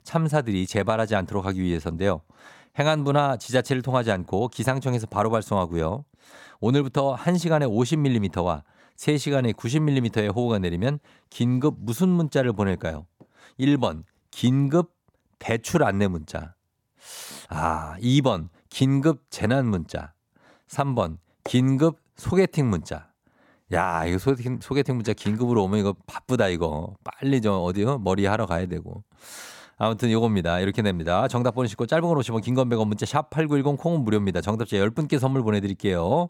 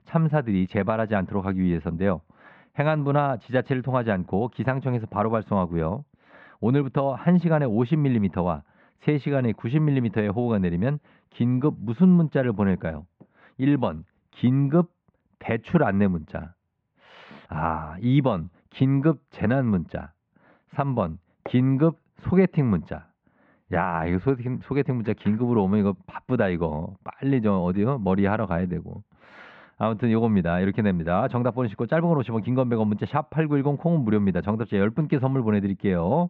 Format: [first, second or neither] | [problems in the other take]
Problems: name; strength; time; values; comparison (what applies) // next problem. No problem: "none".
first | muffled; very; fading above 2.5 kHz